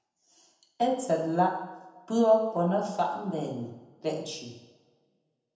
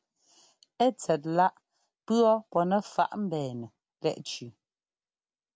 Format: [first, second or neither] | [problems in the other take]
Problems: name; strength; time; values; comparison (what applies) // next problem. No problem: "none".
second | room echo; dies away in 0.8 s